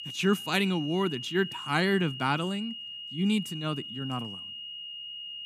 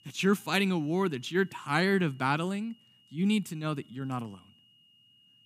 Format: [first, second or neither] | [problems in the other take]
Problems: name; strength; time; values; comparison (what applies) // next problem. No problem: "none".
second | high-pitched whine; loud; throughout; 3 kHz, 9 dB below the speech; faint in the second